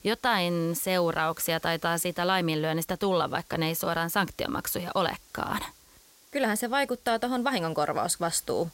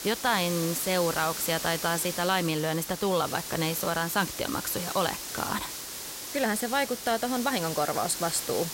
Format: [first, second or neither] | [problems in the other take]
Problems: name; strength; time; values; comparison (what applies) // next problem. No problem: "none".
first | hiss; loud; throughout; 6 dB below the speech; faint in the first